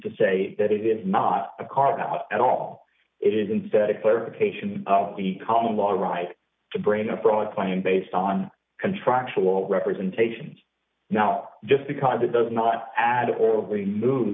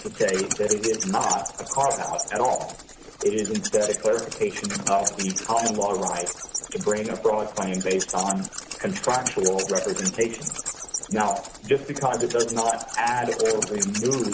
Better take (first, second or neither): first